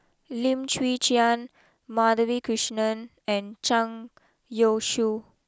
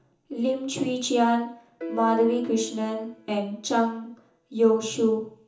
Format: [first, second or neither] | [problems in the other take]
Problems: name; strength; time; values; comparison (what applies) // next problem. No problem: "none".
first | background sound (Piano); 15 dB below the speech // room echo; dies away in 0.7 s